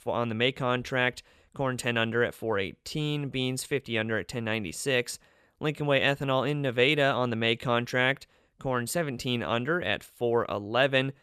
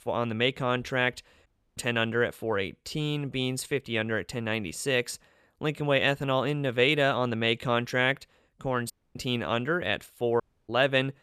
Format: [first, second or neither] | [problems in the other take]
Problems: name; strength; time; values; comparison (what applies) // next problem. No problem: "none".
first | audio cutting out; at 1.5 s, at 9 s and at 10 s